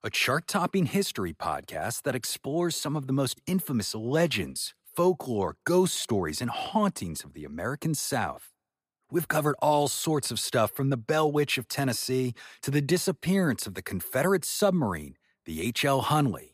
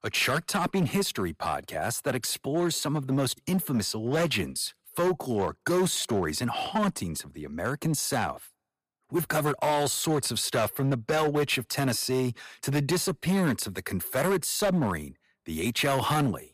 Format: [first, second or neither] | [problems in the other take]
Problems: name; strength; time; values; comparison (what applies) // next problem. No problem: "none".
first | distortion; slight; 8% of the sound clipped